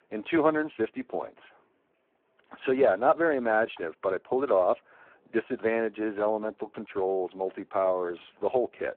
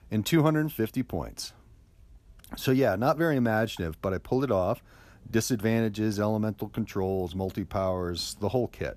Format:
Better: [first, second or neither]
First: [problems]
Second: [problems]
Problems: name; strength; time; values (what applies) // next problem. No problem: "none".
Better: second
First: phone-call audio; poor line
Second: none